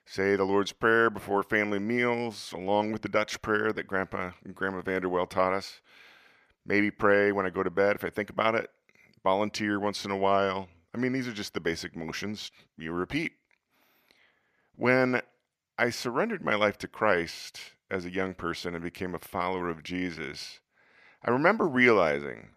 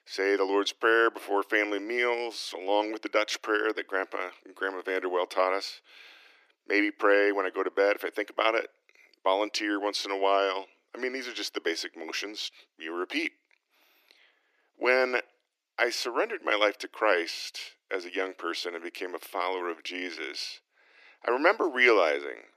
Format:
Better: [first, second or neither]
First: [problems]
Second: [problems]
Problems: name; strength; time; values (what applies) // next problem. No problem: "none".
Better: first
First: none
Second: thin; somewhat; fading below 300 Hz